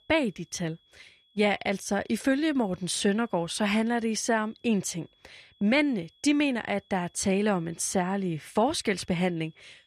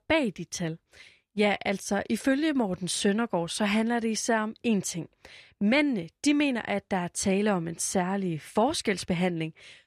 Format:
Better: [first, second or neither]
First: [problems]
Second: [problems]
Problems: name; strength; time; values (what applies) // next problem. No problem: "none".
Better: second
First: high-pitched whine; faint; throughout; 3.5 kHz, 35 dB below the speech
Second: none